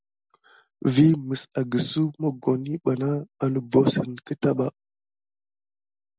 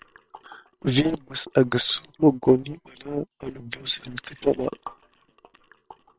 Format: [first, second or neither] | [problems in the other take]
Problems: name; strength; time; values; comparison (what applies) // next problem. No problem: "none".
first | noise reduction (neural separator model SepFormer WHAM!)